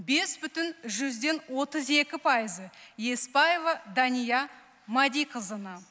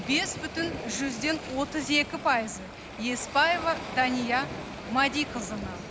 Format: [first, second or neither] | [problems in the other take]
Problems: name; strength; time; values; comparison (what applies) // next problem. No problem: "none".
first | background sound (Waves, surf); 9 dB below the speech